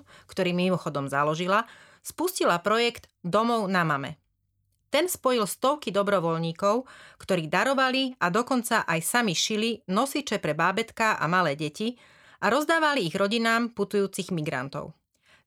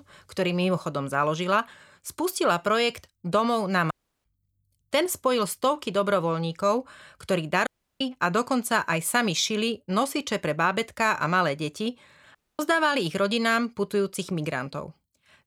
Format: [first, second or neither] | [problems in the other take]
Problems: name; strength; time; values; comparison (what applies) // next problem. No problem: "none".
first | audio cutting out; at 4 s, at 7.5 s and at 12 s